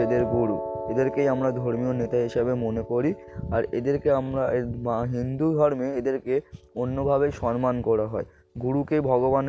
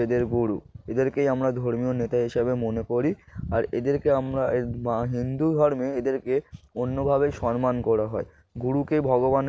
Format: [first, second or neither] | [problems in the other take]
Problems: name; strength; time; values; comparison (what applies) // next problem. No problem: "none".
second | background sound (Piano); 13 dB below the speech